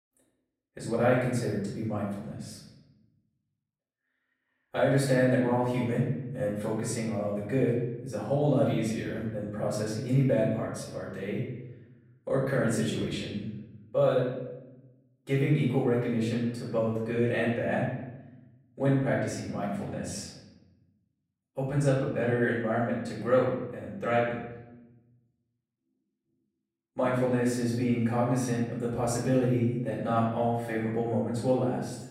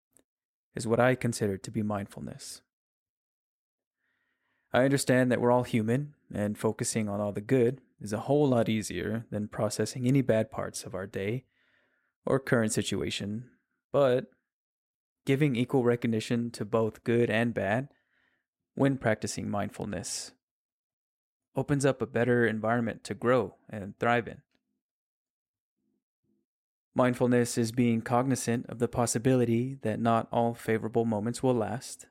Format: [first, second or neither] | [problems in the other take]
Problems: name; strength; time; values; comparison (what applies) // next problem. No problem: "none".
second | off-mic speech; far // room echo; noticeable; dies away in 0.9 s